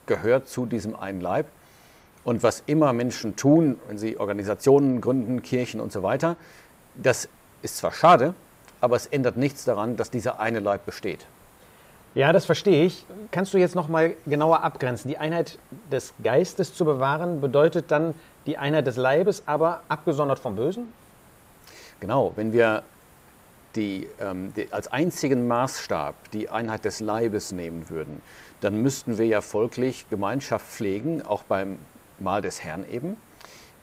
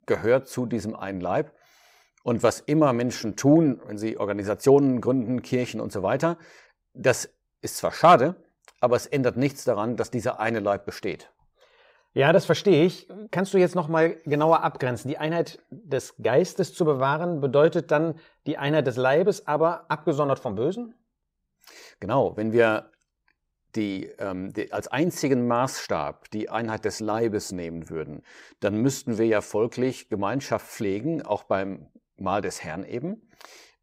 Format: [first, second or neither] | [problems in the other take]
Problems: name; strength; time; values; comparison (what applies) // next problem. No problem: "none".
second | hiss; faint; throughout; 30 dB below the speech